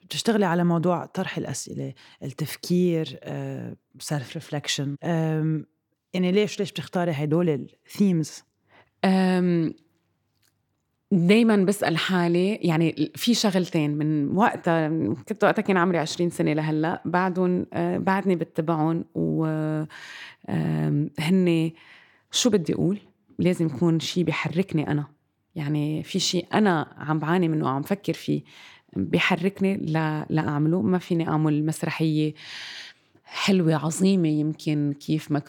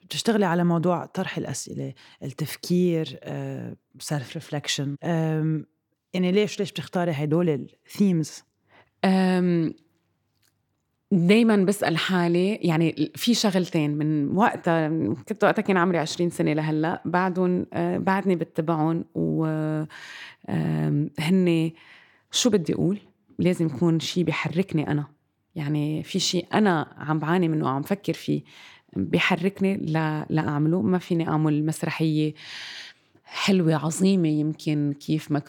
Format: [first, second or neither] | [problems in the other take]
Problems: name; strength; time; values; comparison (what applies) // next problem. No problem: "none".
neither | none